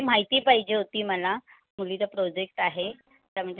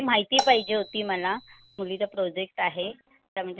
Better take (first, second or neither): first